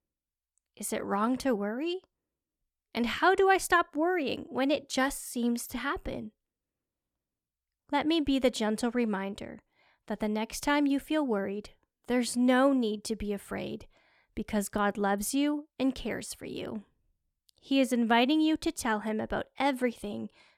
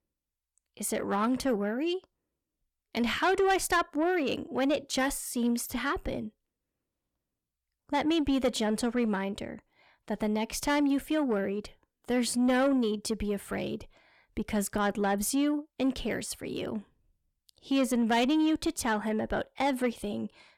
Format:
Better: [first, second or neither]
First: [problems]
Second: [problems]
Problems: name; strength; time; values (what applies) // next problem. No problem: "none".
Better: first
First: none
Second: distortion; slight; 10 dB below the speech